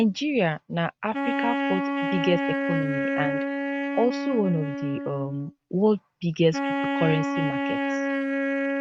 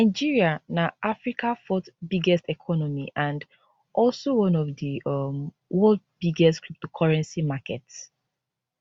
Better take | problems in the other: second | noise reduction (neural mask model RNNoise)

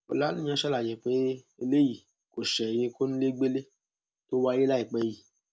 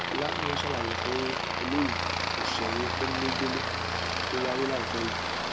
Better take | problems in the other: first | background sound (Aircraft); 4 dB above the speech

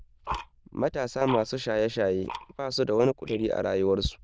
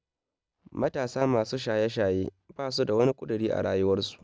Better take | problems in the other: second | noise reduction (neural diffusion model UNIVERSE++)

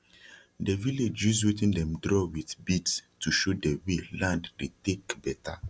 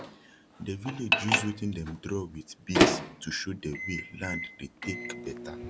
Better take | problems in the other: first | background sound (Microwave oven); 4 dB above the speech

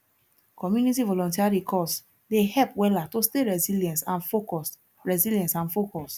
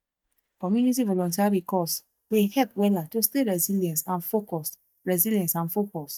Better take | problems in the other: first | noise reduction (neural mask model DeepFilterNet 3)

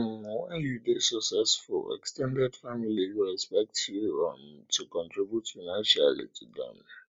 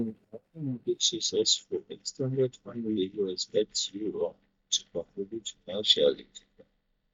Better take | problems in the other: first | noise reduction (neural mask model DeepFilterNet 3)

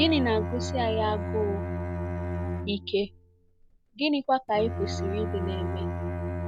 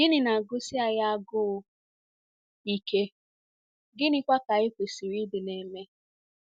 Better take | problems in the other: second | background sound (Bowed string instrument); 2 dB below the speech

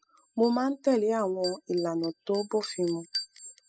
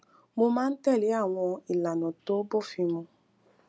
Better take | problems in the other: second | noise reduction (classical method spectral subtraction)

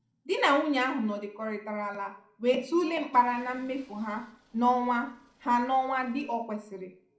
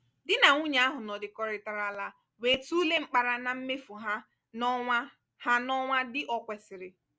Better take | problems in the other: second | noise reduction (neural separator model SepFormer DNS4)

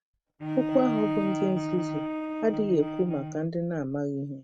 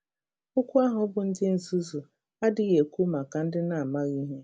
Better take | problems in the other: second | noise reduction (neural mask model RNNoise)

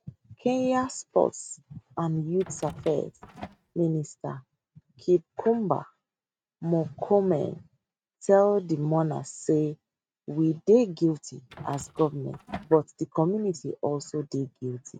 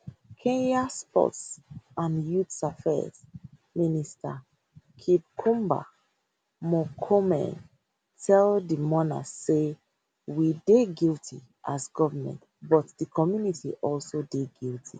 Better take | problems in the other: second | noise reduction (neural mask model RNNoise)

